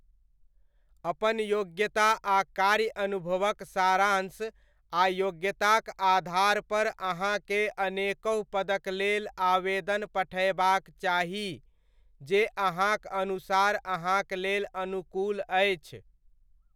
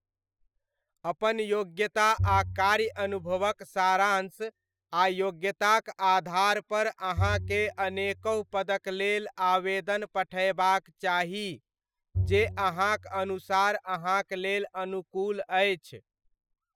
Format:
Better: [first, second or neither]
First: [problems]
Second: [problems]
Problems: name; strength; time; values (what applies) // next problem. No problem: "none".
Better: first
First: none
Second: noise reduction (classical method spectral subtraction)